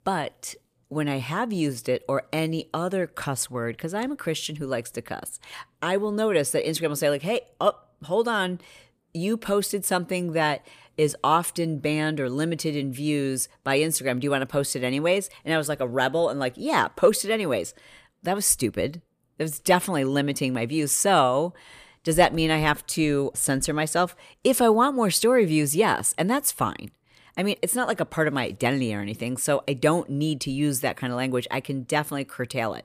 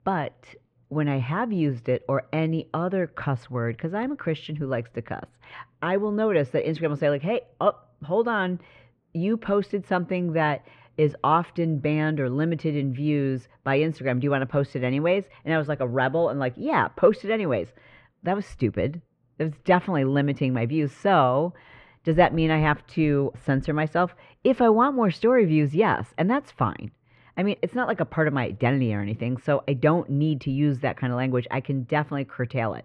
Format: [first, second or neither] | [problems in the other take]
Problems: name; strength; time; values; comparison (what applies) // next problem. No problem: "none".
first | muffled; very; fading above 2.5 kHz